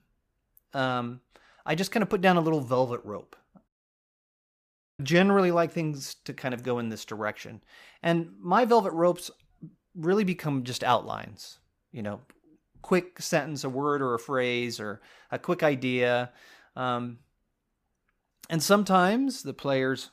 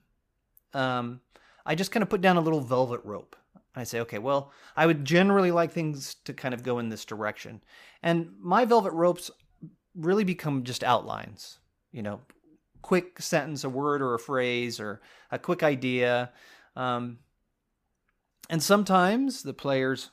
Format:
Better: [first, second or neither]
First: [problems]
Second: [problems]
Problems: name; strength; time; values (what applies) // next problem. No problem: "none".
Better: second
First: audio cutting out; at 3.5 s for 1.5 s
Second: none